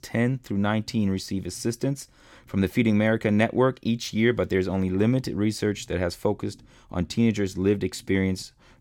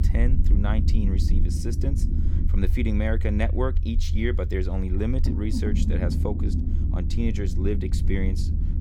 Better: first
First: none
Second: low rumble; loud; throughout; 7 dB below the speech

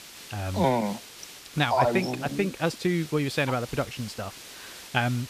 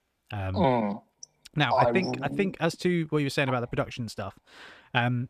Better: second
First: hiss; noticeable; throughout; 15 dB below the speech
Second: none

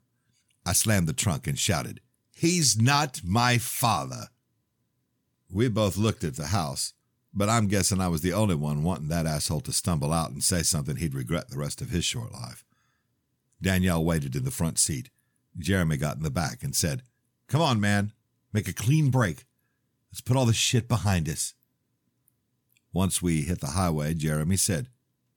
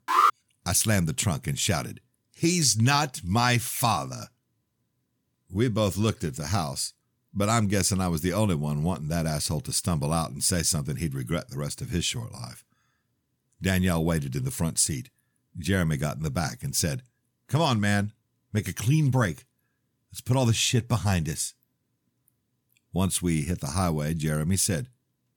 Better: first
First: none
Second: alarm; loud; at the start; peak 5 dB above the speech

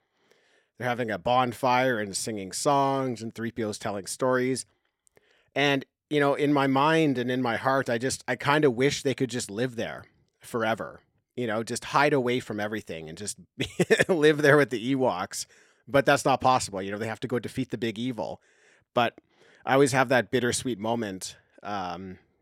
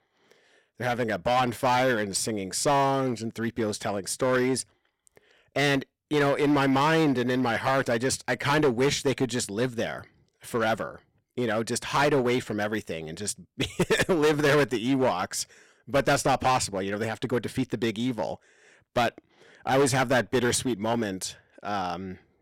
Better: first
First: none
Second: distortion; heavy; 7% of the sound clipped

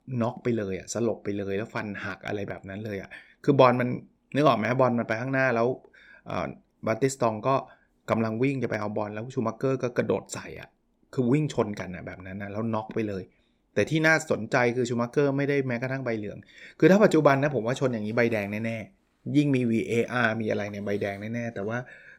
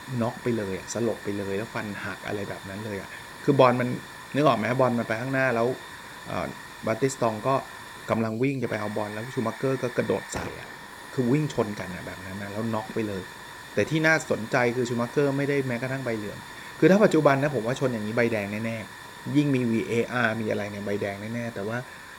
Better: first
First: none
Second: hiss; noticeable; throughout; 15 dB below the speech

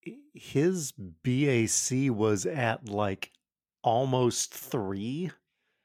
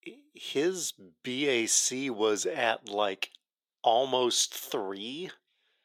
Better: first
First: none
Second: thin; somewhat; fading below 450 Hz

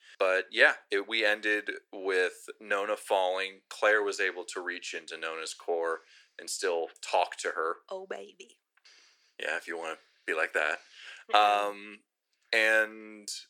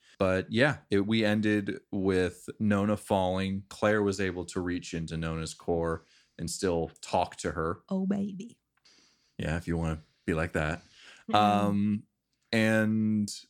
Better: second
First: thin; very; fading below 400 Hz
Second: none

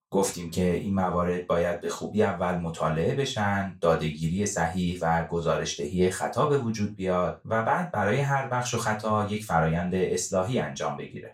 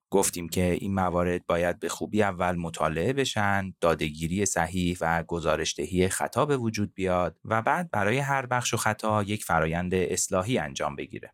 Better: second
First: room echo; slight; dies away in 0.3 s // off-mic speech; far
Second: none

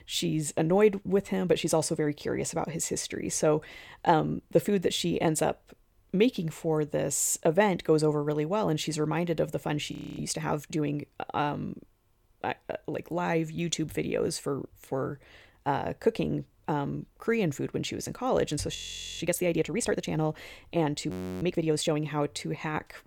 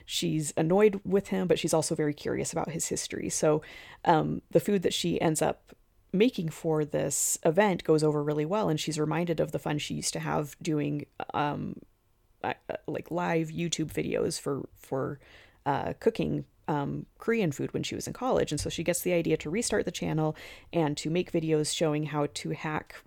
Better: second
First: audio freezing; at 10 s, at 19 s and at 21 s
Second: none

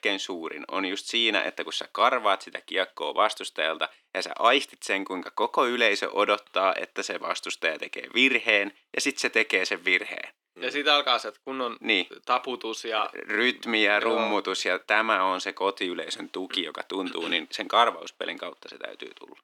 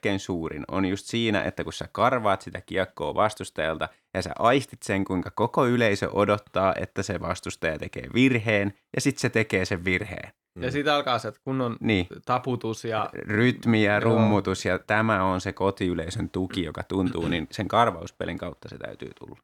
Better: second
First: thin; somewhat; fading below 300 Hz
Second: none

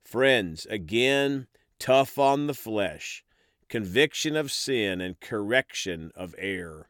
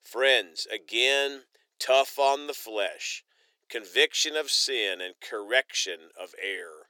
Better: first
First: none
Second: thin; very; fading below 400 Hz

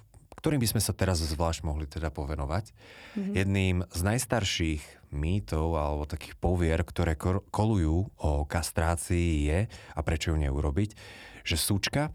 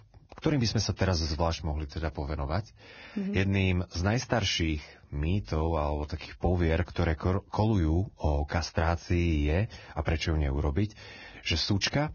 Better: first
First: none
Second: garbled, watery; badly; nothing above 6.5 kHz

